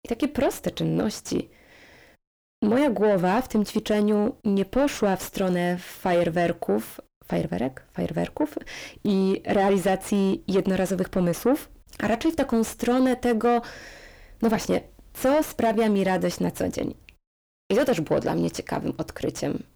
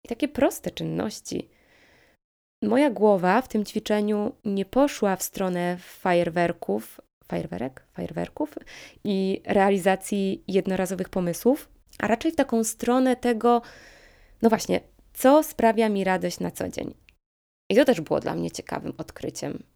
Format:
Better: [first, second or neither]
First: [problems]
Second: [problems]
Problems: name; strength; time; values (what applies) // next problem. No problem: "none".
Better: second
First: distortion; heavy; 6 dB below the speech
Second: none